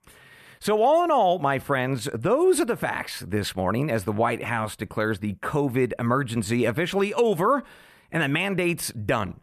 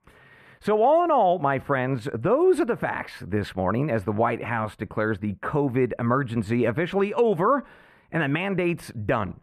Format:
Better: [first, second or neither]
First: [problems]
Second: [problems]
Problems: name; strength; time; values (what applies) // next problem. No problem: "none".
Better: first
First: none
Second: muffled; slightly; fading above 3 kHz